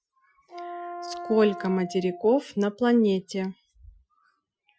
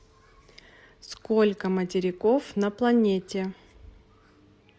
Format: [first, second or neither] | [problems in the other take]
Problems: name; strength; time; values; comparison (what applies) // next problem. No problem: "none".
second | noise reduction (classical method Wiener filter)